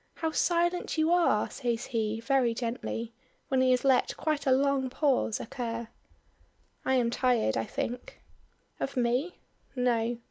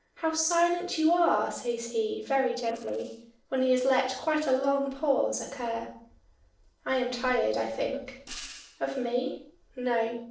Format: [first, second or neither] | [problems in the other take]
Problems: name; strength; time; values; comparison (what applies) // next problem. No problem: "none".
first | noise reduction (neural separator model SepFormer DNS4)